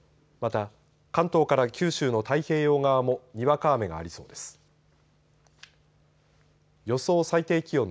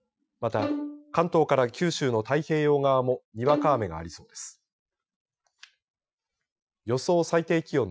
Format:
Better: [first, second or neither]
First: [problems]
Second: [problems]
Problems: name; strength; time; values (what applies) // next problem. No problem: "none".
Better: first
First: none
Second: noise reduction (classical method Wiener filter)